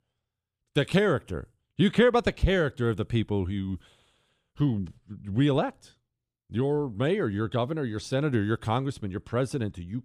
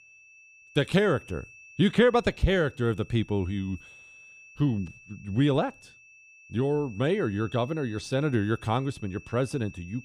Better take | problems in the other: first | high-pitched whine; faint; throughout; 2.5 kHz, 20 dB below the speech

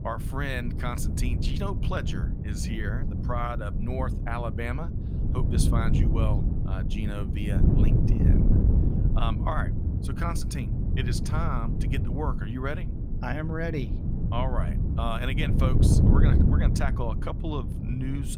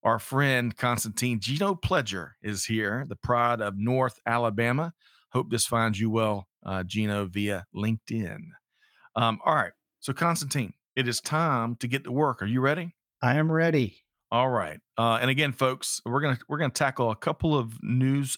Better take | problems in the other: second | wind noise on the microphone; heavy; 4 dB below the speech

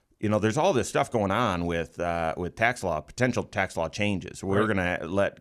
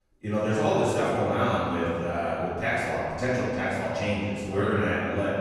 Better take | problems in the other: first | off-mic speech; far // room echo; strong; dies away in 1.9 s

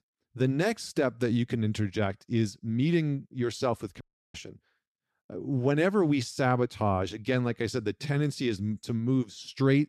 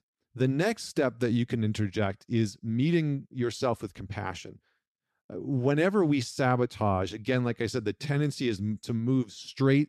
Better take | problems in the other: second | audio cutting out; at 4 s

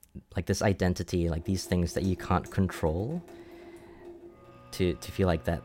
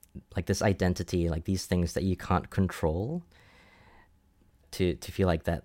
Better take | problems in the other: second | household noises; noticeable; from 1.5 s on; 20 dB below the speech

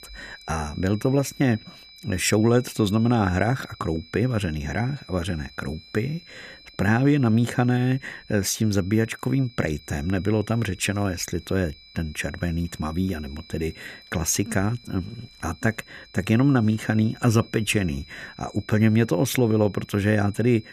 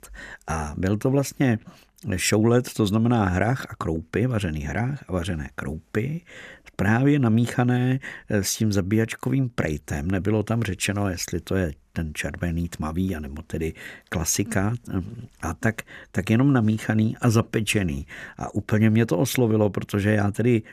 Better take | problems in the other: second | high-pitched whine; faint; throughout; 4 kHz, 25 dB below the speech

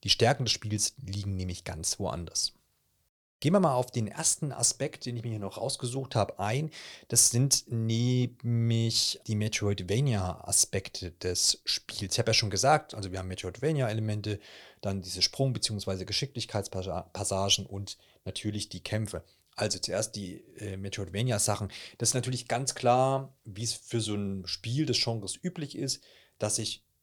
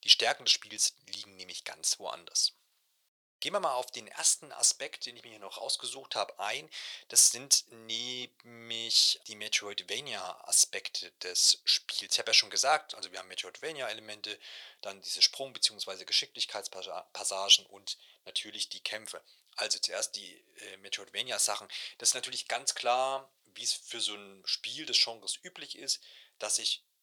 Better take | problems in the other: first | thin; very; fading below 750 Hz

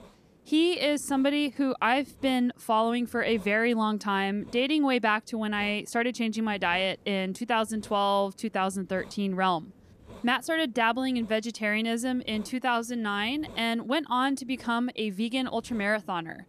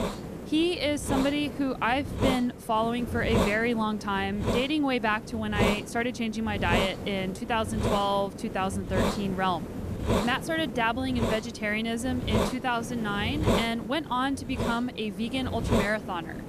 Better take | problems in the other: first | hiss; loud; throughout; 4 dB below the speech; faint in the first

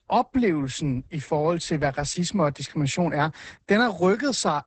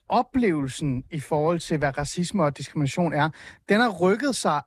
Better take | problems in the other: second | garbled, watery; badly; nothing above 8 kHz; slightly in the second

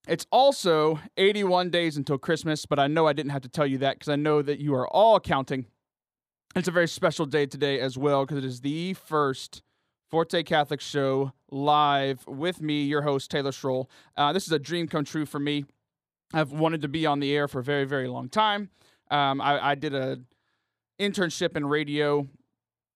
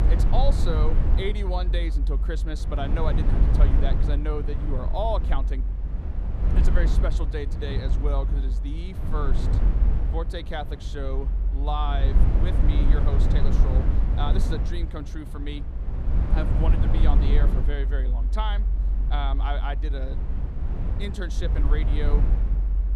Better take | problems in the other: first | low rumble; loud; throughout; 6 dB below the speech

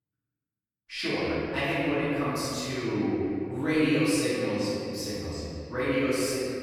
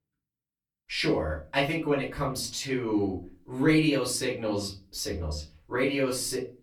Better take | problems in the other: second | room echo; strong; dies away in 2.5 s; slight in the second // off-mic speech; far; far in the second

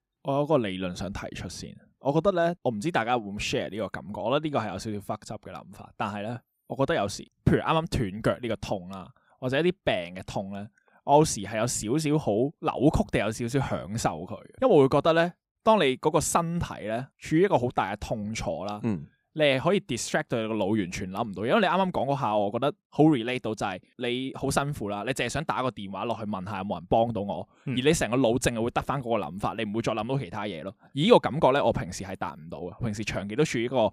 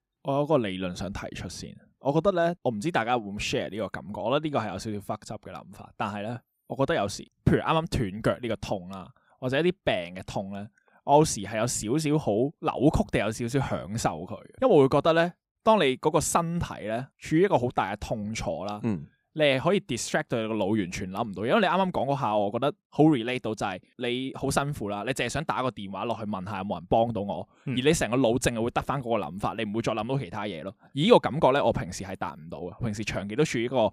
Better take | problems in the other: neither | none

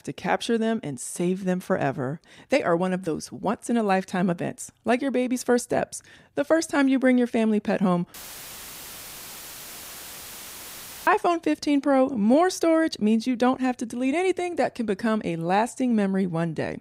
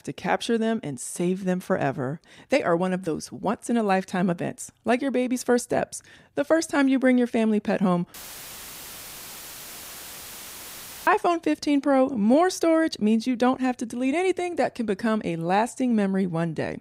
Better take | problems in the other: neither | audio cutting out; filled with static; at 8 s for 3 s; the same in both

